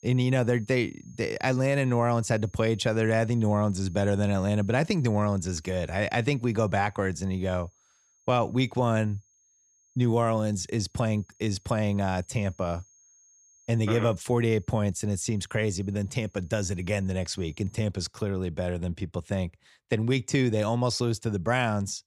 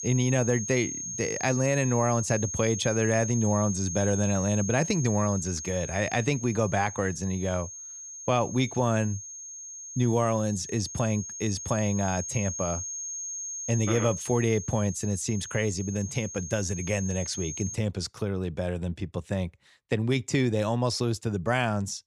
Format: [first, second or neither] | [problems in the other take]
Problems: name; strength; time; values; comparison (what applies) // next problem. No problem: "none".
first | high-pitched whine; loud; until 18 s; 6.5 kHz, 7 dB below the speech; faint in the first